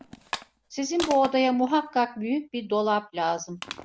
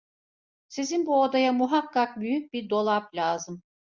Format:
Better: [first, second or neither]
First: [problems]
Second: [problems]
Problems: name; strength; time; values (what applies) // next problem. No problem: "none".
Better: second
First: background sound (Crushing); 14 dB below the speech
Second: none